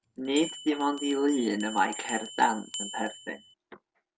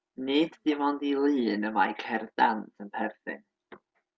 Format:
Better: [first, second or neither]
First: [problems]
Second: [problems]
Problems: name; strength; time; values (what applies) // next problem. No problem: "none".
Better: second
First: background sound (Bell); 11 dB below the speech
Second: none